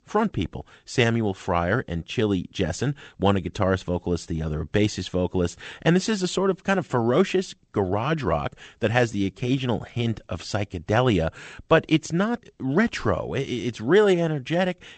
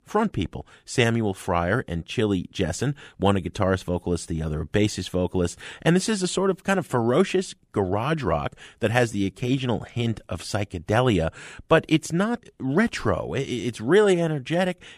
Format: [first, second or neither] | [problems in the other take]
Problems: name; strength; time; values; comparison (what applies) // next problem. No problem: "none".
second | garbled, watery; slightly; nothing above 8 kHz